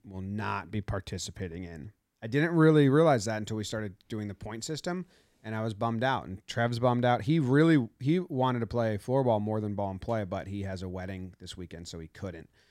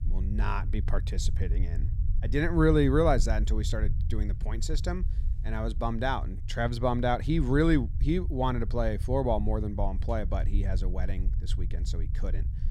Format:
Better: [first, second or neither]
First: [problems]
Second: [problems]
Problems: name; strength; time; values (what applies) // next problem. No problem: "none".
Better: first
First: none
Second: low rumble; noticeable; throughout; 20 dB below the speech